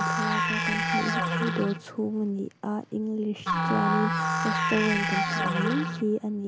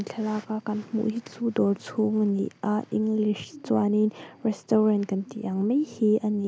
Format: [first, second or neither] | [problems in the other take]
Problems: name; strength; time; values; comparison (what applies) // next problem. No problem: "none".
second | background sound (Musical instrument); 2 dB above the speech